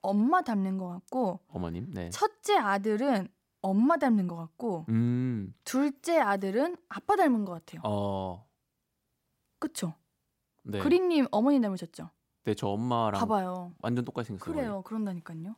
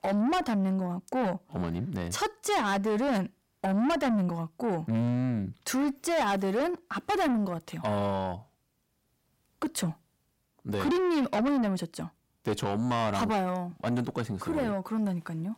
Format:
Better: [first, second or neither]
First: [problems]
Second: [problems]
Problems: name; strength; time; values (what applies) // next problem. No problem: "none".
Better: first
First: none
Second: distortion; heavy; 7 dB below the speech